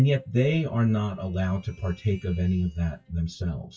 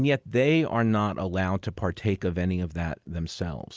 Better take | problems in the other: second | noise reduction (classical method WPE with log-MMSE)

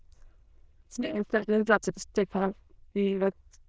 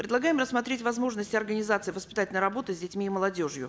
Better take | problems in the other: second | noise reduction (neural diffusion model UNIVERSE++)

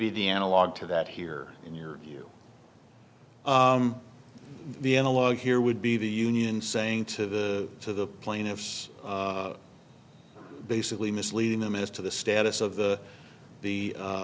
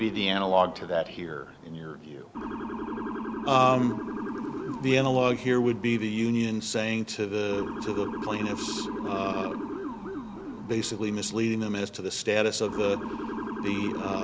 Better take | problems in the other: first | background sound (Motor vehicle (road) / Siren); 8 dB below the speech

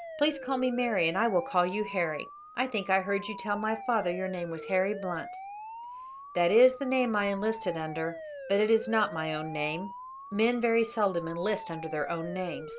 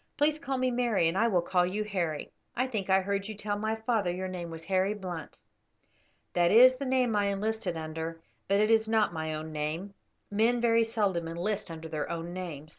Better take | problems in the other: second | background sound (Siren); 13 dB below the speech

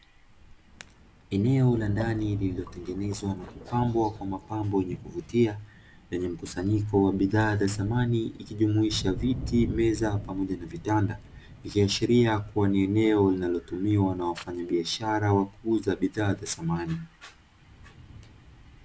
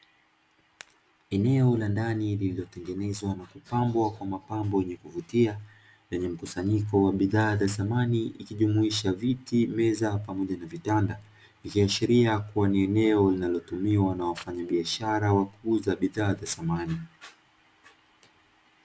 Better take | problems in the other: second | background sound (Thunder + Water / Liquid); 15 dB below the speech

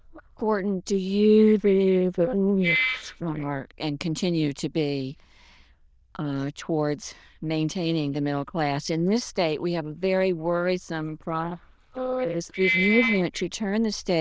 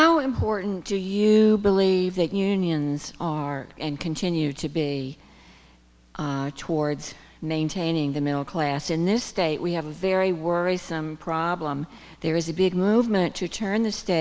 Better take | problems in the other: second | noise reduction (neural diffusion model UNIVERSE++)

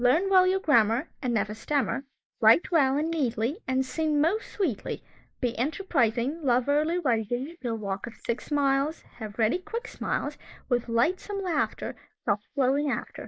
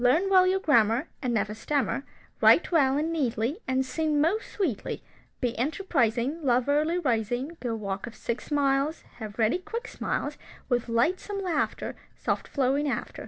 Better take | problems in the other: second | noise reduction (neural mask model Resemble Enhance denoiser)

